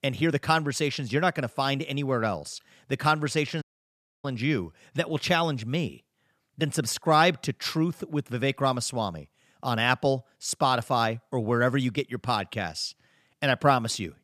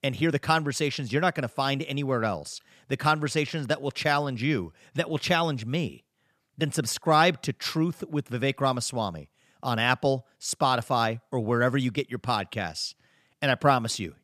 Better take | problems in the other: second | audio cutting out; at 3.5 s for 0.5 s

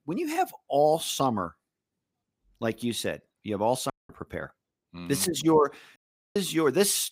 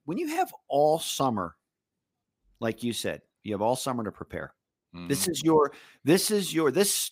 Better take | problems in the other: second | audio cutting out; at 4 s and at 6 s

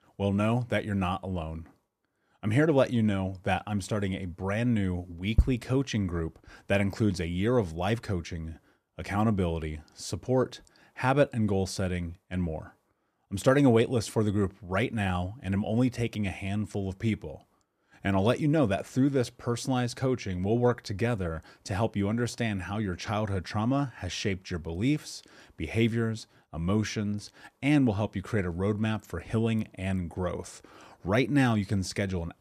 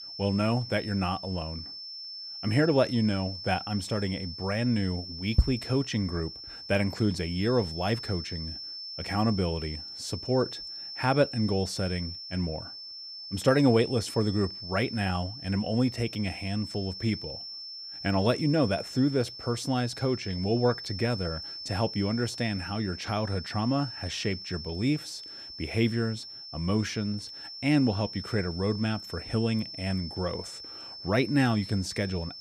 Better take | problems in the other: first | high-pitched whine; loud; throughout; 5.5 kHz, 9 dB below the speech

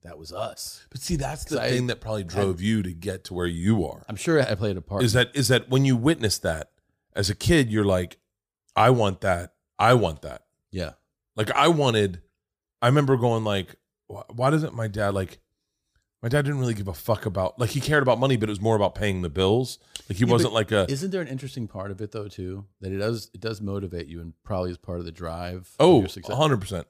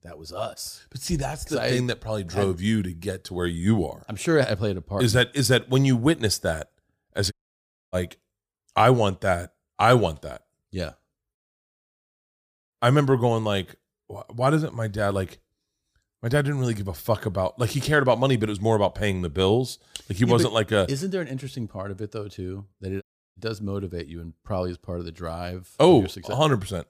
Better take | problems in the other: first | audio cutting out; at 7.5 s for 0.5 s, at 11 s for 1.5 s and at 23 s

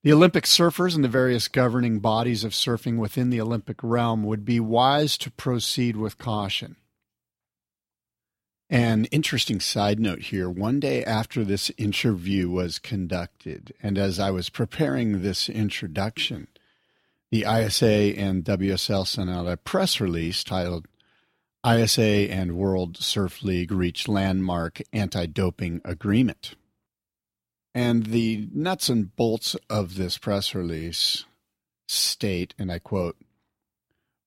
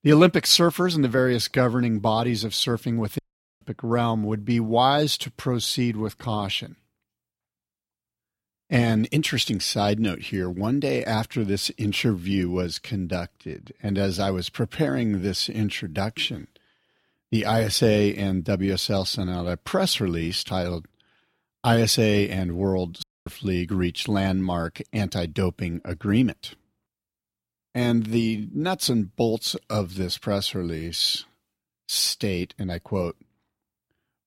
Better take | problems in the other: first | audio cutting out; at 3 s and at 23 s

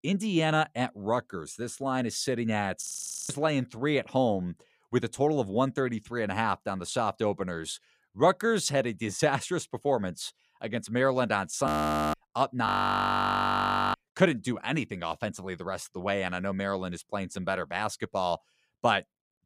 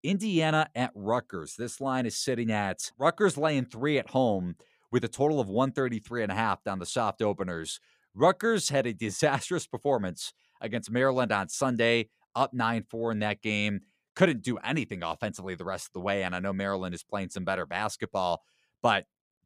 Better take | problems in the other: second | audio freezing; at 3 s, at 12 s and at 13 s for 1.5 s

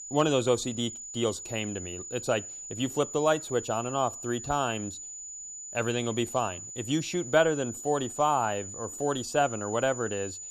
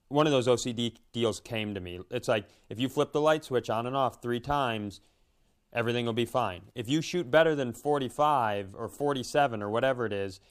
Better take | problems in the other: second | high-pitched whine; loud; throughout; 7 kHz, 9 dB below the speech

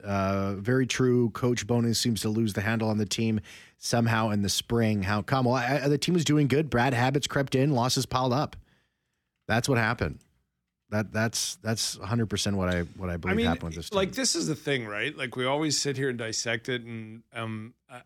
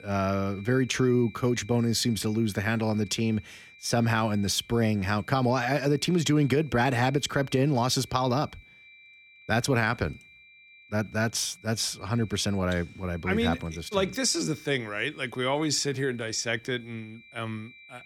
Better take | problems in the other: first | high-pitched whine; faint; throughout; 2.5 kHz, 25 dB below the speech

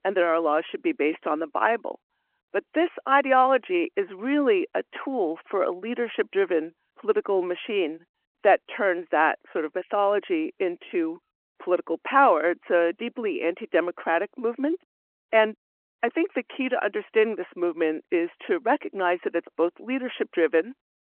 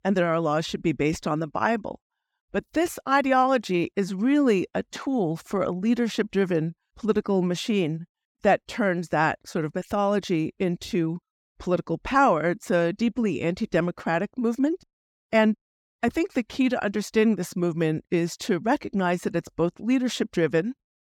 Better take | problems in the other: second | phone-call audio

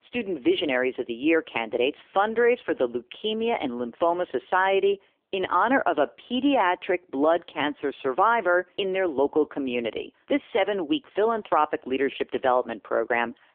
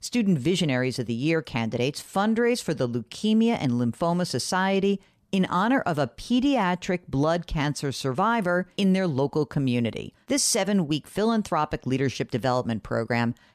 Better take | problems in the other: second | phone-call audio; poor line; nothing above 3.5 kHz

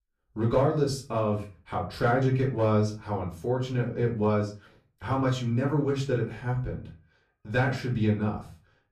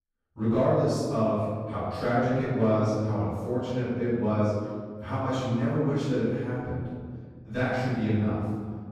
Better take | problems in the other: first | room echo; strong; dies away in 1.8 s; slight in the first // off-mic speech; far; far in the first

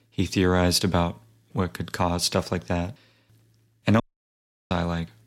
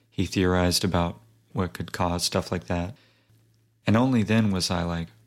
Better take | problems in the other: second | audio cutting out; at 4 s for 0.5 s

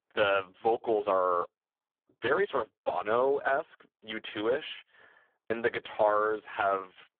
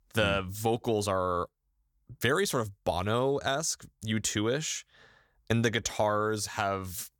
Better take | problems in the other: second | phone-call audio; poor line

